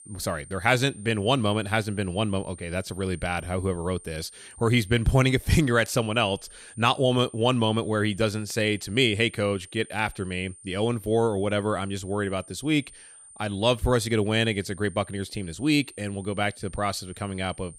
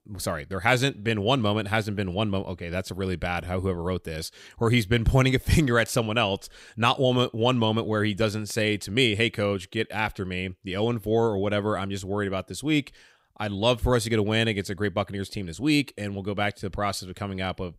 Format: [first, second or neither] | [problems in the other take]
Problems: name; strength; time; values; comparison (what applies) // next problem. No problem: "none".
second | high-pitched whine; faint; throughout; 9 kHz, 20 dB below the speech